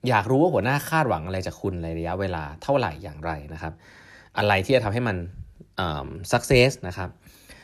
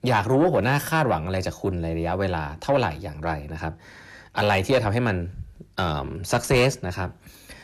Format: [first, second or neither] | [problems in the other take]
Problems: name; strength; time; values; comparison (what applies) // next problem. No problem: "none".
first | distortion; slight; 10 dB below the speech